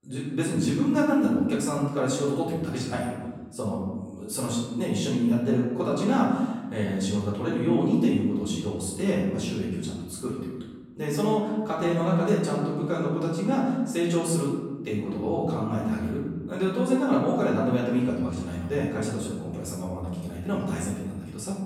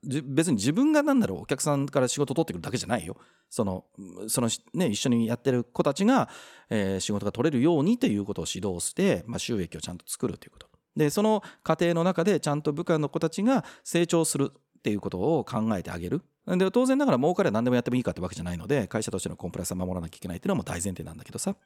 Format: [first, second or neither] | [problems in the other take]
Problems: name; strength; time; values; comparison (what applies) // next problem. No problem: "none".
second | room echo; noticeable; dies away in 1.3 s // off-mic speech; far